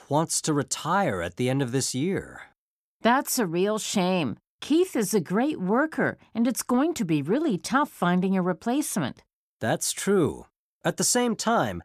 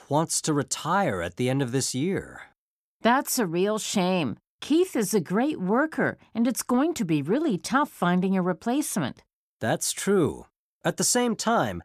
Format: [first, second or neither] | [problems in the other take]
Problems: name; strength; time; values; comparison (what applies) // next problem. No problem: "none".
neither | none